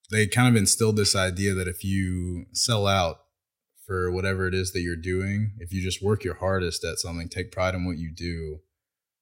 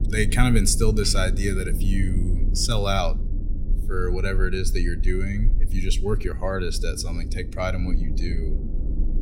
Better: first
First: none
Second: low rumble; noticeable; throughout; 15 dB below the speech

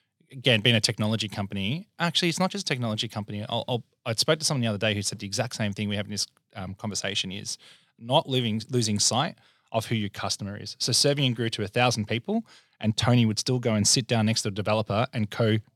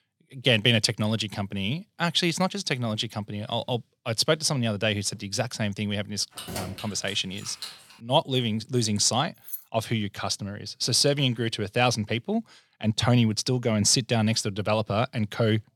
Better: first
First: none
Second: jangling keys; noticeable; from 6.5 to 8 s; peak 9 dB below the speech // jangling keys; faint; at 9.5 s; peak 10 dB below the speech

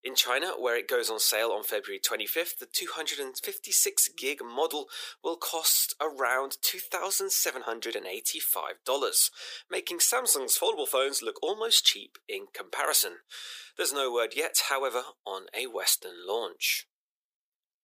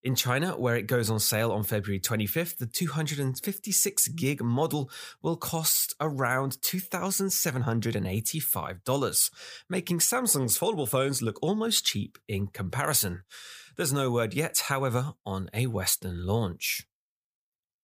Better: second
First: thin; very; fading below 350 Hz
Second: none

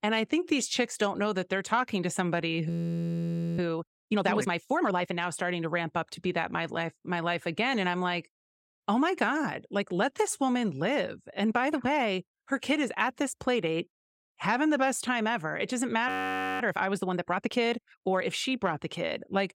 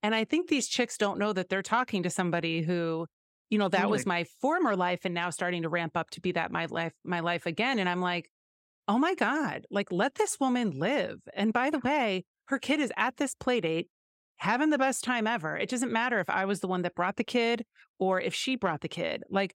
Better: second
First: audio freezing; at 2.5 s for 1 s and at 16 s for 0.5 s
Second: none

